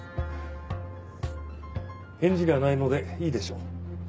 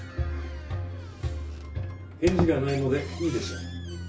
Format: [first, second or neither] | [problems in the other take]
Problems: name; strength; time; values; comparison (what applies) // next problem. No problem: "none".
first | background sound (Squeak); 9 dB below the speech // room echo; dies away in 0.3 s